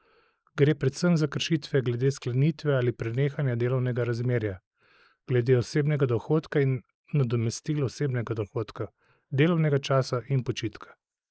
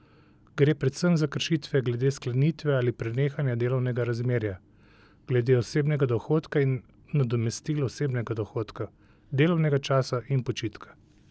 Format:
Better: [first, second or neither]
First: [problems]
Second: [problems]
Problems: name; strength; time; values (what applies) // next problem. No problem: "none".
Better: second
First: noise reduction (neural mask model Resemble Enhance denoiser)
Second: none